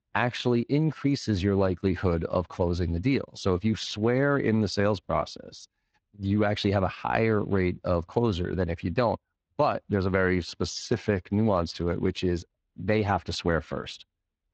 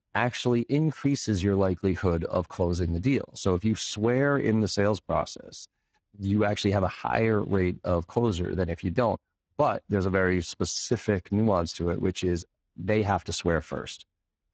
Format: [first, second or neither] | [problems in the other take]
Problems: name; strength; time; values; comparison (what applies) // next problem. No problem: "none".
first | garbled, watery; badly; nothing above 7.5 kHz; slightly in the first